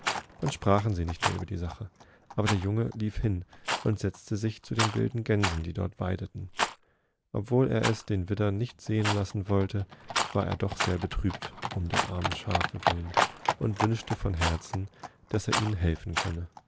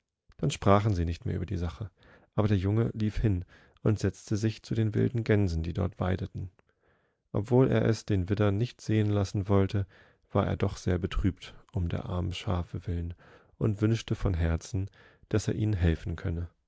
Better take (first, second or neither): second